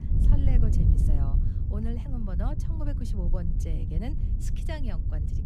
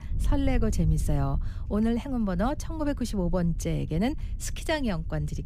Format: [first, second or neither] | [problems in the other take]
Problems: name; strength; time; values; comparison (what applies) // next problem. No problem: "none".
second | wind noise on the microphone; heavy; 1 dB below the speech; occasional gusts in the second